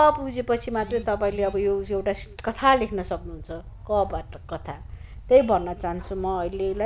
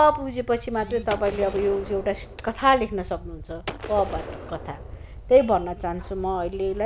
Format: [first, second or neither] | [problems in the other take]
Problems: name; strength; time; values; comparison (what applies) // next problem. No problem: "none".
first | background sound (Gunshot, gunfire); 14 dB below the speech